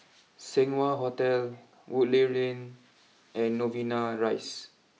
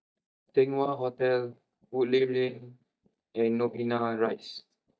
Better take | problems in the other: first | noise reduction (neural mask model DeepFilterNet 3)

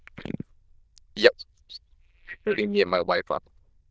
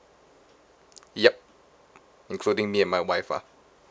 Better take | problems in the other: second | noise reduction (neural diffusion model UNIVERSE++)

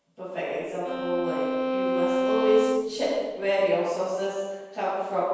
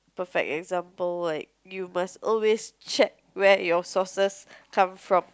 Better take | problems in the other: second | background sound (Bowed string instrument); 1 dB below the speech // room echo; dies away in 1.2 s

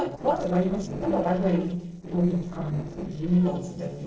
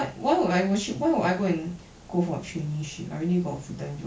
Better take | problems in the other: second | noise reduction (neural separator model SepFormer DNS4)

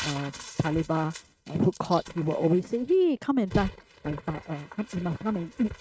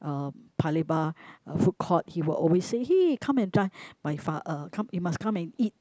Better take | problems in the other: second | noise reduction (neural mask model RNNoise)

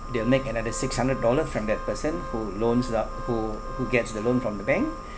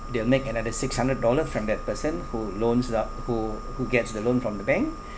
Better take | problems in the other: second | background sound (Organ); 14 dB below the speech

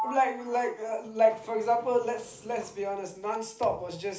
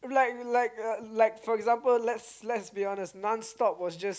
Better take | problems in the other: second | background sound (Sliding door); 15 dB below the speech // room echo; dies away in 0.4 s

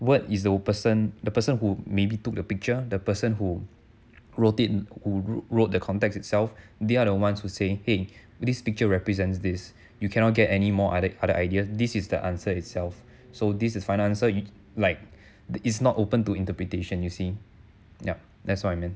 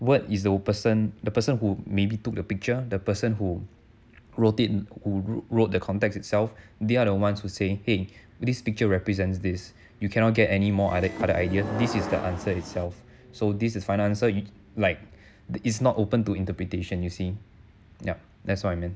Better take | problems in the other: first | background sound (Subway, metro, underground / Sliding door); 8 dB below the speech

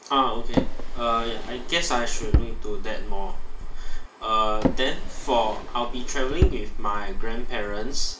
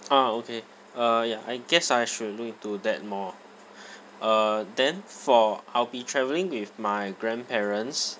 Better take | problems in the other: second | background sound (Drawer open or close); 5 dB above the speech // room echo; dies away in 0.4 s

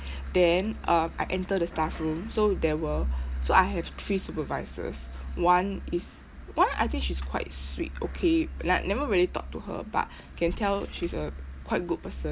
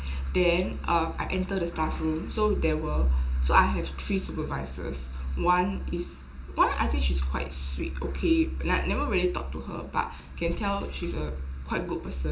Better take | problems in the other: first | room echo; dies away in 0.5 s

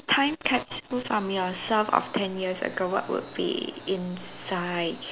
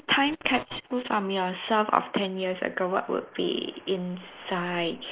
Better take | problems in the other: first | noise reduction (neural mask model Resemble Enhance denoiser)

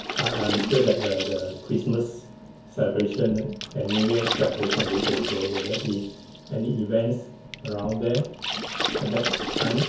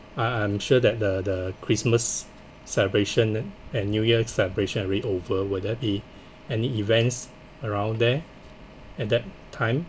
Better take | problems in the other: second | background sound (Water / Splash, splatter); 5 dB below the speech // room echo; dies away in 0.6 s

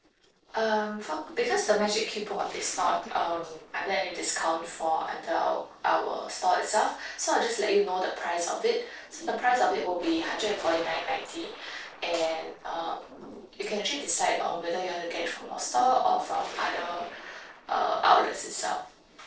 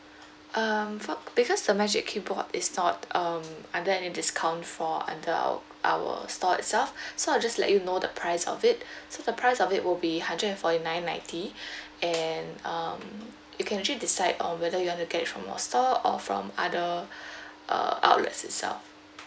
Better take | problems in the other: second | noise reduction (neural separator model SepFormer DNS4)

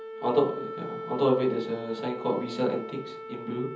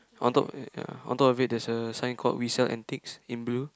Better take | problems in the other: second | background sound (Wind instrument, woodwind instrument); 10 dB below the speech // room echo; dies away in 0.7 s

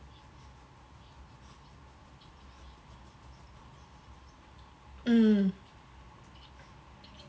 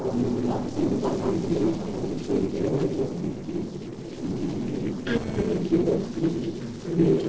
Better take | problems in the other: first | noise reduction (neural separator model SepFormer DNS4)

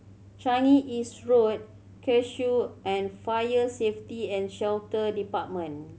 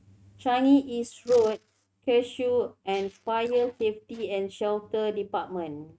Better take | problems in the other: first | noise reduction (neural mask model RNNoise)

